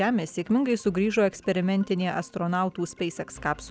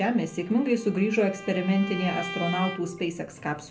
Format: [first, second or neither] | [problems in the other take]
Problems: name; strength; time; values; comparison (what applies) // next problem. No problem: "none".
first | background sound (Bowed string instrument); 13 dB below the speech // room echo; dies away in 0.3 s